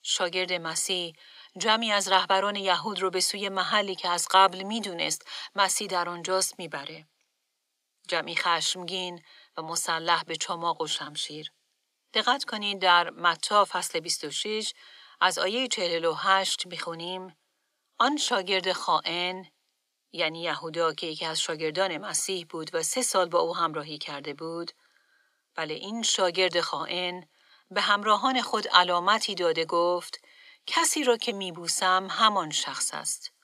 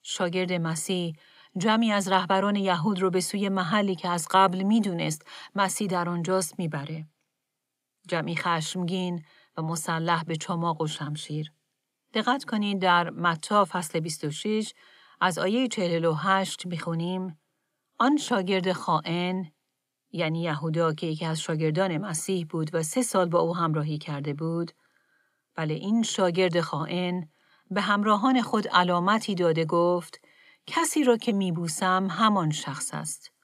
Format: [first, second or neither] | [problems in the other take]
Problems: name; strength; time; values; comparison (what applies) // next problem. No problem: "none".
second | thin; somewhat; fading below 400 Hz